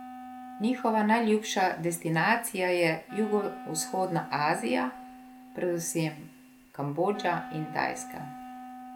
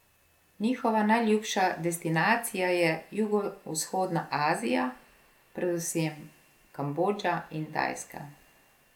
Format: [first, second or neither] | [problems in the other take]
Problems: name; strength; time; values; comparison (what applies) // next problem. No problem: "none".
second | background sound (Wind instrument, woodwind instrument); 15 dB below the speech